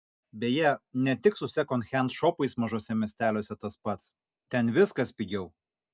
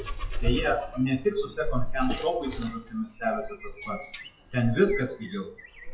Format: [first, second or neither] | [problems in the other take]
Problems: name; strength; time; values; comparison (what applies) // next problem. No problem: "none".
first | noise reduction (classical method WPE with log-MMSE)